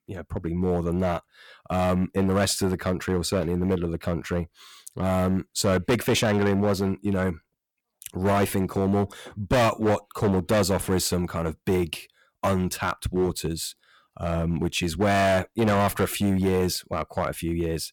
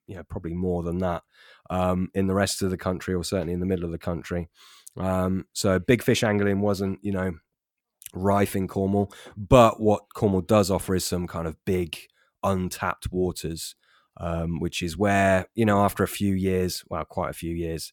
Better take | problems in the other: second | distortion; heavy; 8% of the sound clipped

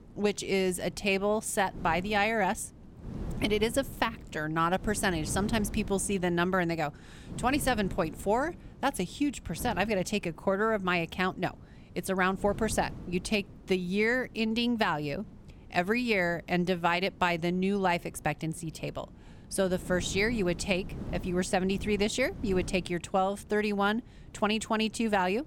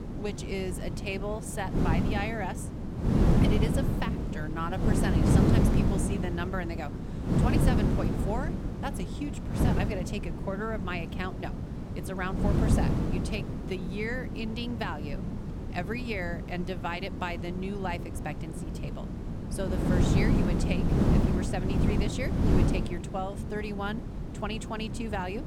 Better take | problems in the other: first | wind noise on the microphone; heavy; 1 dB below the speech; occasional gusts in the first

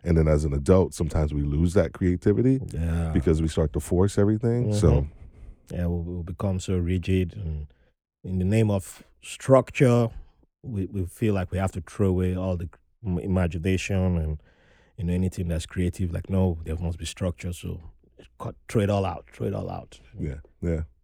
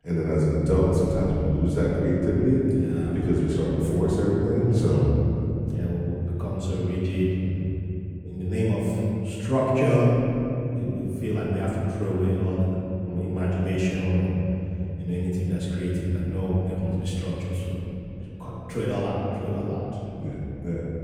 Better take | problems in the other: first | room echo; strong; dies away in 3 s // off-mic speech; far

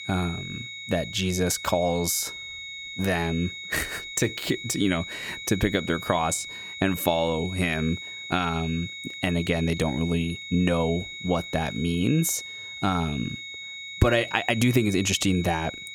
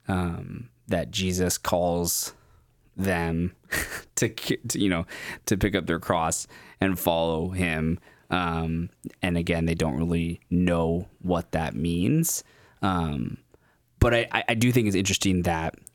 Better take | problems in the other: second | high-pitched whine; loud; throughout; 2 kHz, 9 dB below the speech

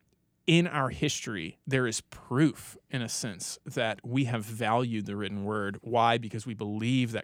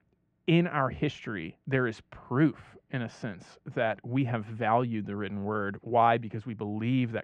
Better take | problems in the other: first | muffled; very; fading above 2 kHz

